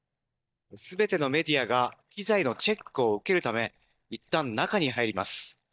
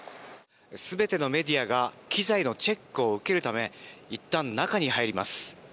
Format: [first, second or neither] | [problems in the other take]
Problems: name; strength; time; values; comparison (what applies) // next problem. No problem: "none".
second | noise reduction (neural mask model DeepFilterNet 3)